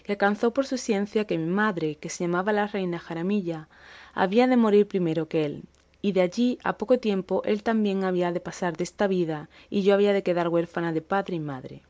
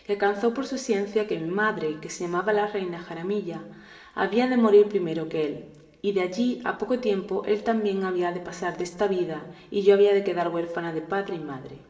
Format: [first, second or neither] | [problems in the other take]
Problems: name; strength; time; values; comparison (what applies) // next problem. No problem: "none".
first | room echo; dies away in 0.8 s